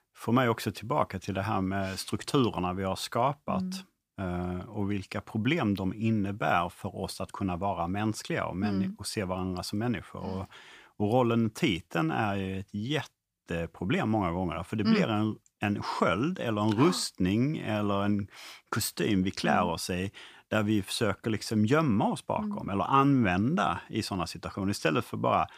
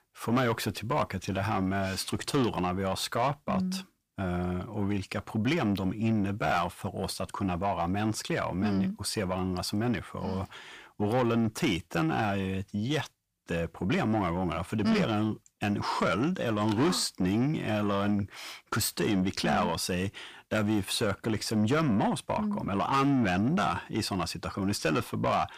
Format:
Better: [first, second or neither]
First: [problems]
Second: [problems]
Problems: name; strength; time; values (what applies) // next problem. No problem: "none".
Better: first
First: none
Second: distortion; slight; 10 dB below the speech